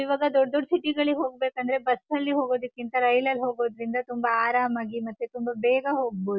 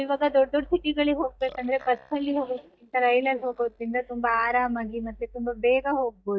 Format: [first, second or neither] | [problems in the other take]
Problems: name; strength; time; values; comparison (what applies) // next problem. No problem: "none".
first | noise reduction (neural mask model DeepFilterNet 3)